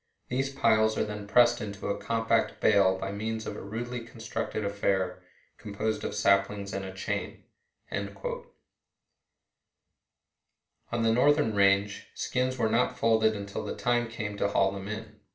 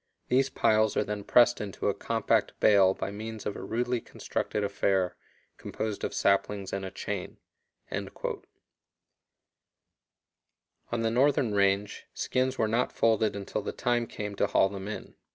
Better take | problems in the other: second | room echo; dies away in 0.4 s

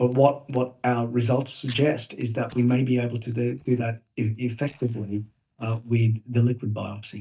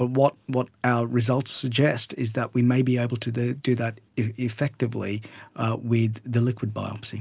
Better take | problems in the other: second | noise reduction (neural mask model DeepFilterNet 3)

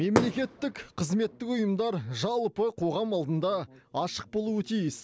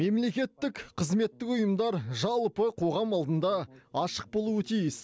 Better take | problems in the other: second | background sound (Fireworks); 7 dB below the speech

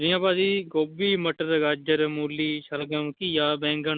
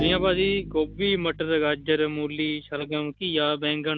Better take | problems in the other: first | background sound (Bowed string instrument); 13 dB below the speech

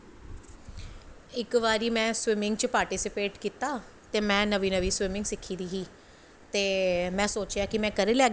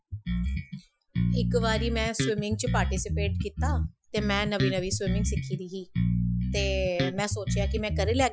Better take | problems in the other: first | noise reduction (classical method Wiener filter)

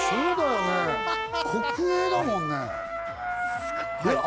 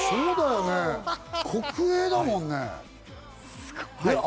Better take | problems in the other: second | background sound (Trumpet); 2 dB below the speech

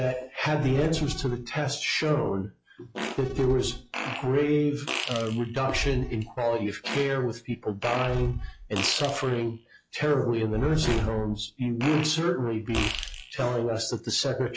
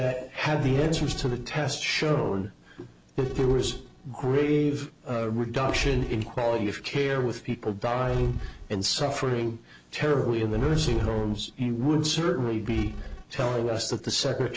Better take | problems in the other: second | noise reduction (classical method log-MMSE)

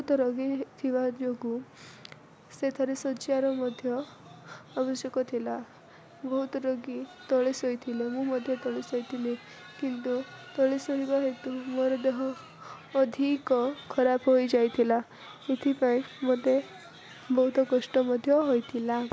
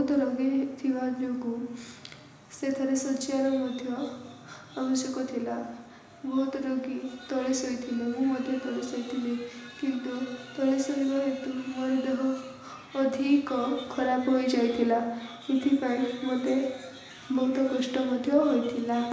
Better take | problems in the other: first | room echo; dies away in 1 s

